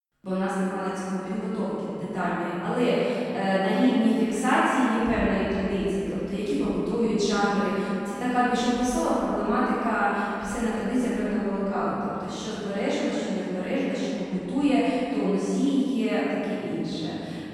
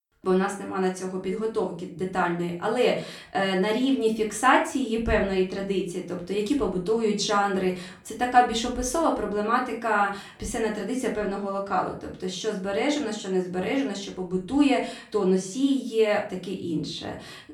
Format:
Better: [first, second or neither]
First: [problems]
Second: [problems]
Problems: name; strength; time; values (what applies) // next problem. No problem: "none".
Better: second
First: room echo; strong; dies away in 2.9 s // off-mic speech; far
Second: room echo; slight; dies away in 0.3 s // off-mic speech; far